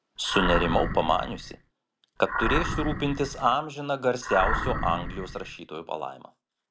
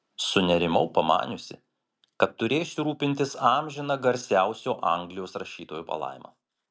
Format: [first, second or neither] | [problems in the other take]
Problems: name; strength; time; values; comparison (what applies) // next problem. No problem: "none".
second | background sound (Animal); 2 dB below the speech